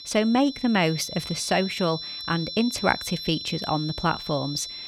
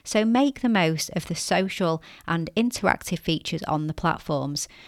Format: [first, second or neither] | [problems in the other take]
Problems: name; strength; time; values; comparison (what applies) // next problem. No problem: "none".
second | high-pitched whine; loud; throughout; 4 kHz, 8 dB below the speech